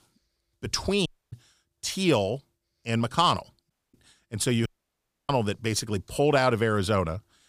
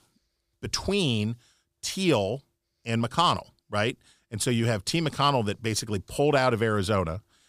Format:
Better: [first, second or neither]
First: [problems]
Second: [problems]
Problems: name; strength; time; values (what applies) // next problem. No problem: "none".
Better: second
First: audio cutting out; at 1 s, at 3.5 s and at 4.5 s for 0.5 s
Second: none